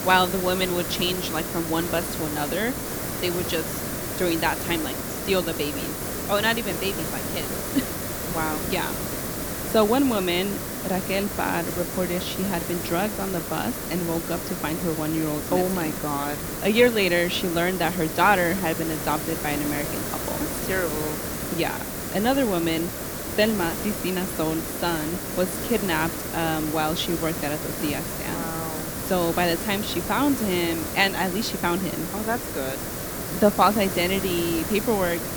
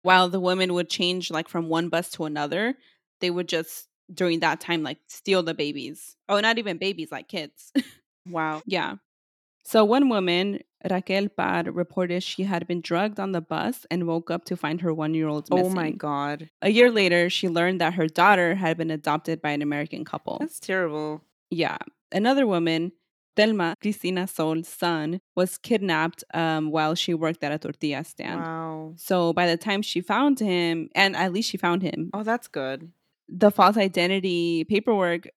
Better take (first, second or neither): second